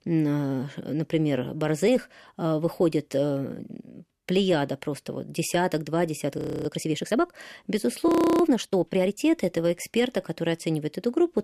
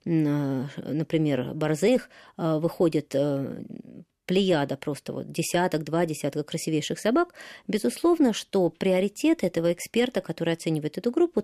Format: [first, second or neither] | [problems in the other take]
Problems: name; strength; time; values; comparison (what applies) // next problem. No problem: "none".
second | audio freezing; at 6.5 s and at 8 s